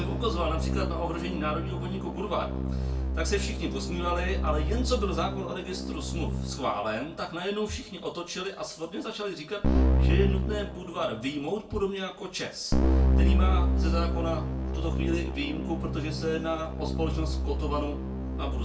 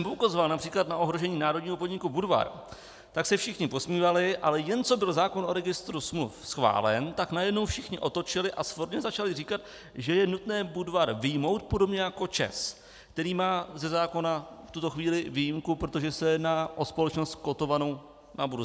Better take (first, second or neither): second